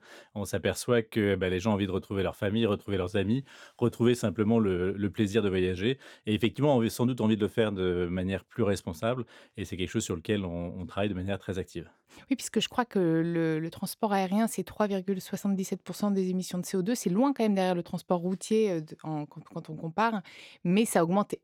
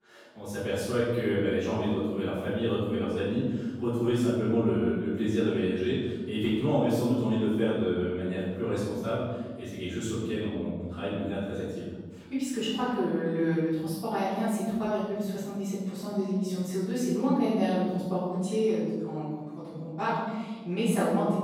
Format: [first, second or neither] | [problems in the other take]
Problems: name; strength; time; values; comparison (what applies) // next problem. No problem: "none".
first | room echo; strong; dies away in 1.3 s // off-mic speech; far